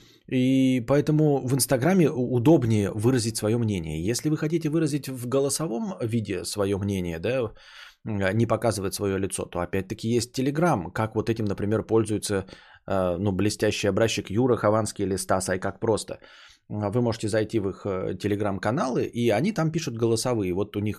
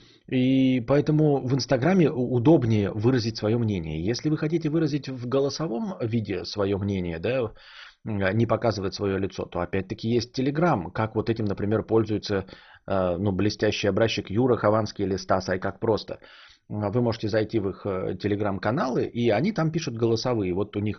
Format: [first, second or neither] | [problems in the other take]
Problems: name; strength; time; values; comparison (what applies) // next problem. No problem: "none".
first | garbled, watery; badly; nothing above 6 kHz